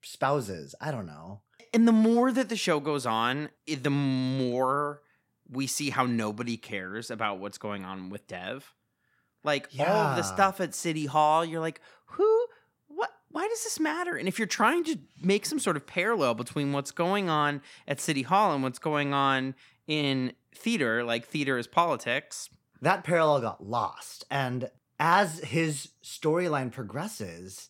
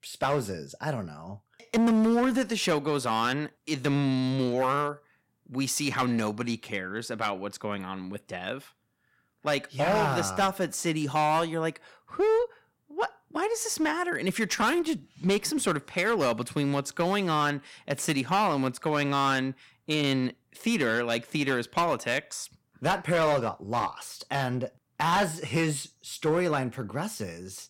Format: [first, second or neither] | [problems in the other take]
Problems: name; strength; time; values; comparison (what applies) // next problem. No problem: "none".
first | distortion; slight; 7% of the sound clipped